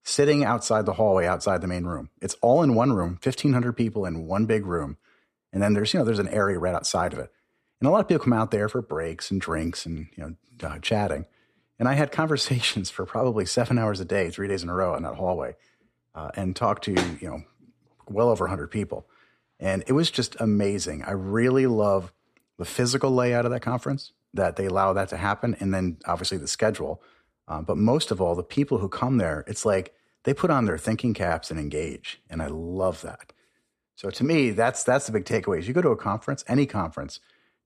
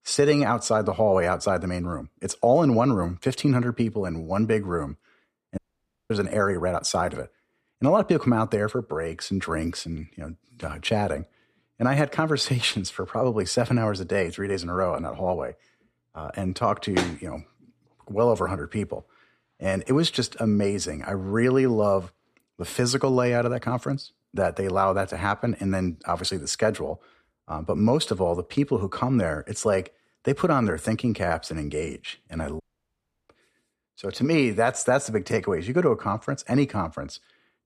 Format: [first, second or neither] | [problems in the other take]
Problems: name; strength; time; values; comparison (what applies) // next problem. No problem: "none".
first | audio cutting out; at 5.5 s for 0.5 s and at 33 s for 0.5 s